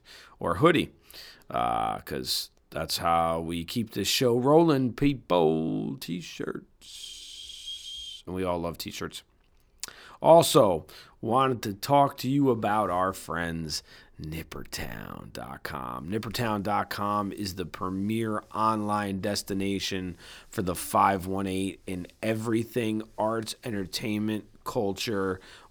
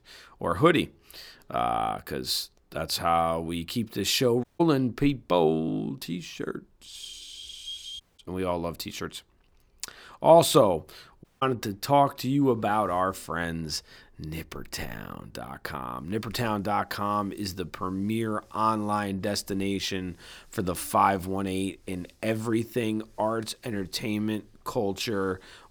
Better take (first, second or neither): first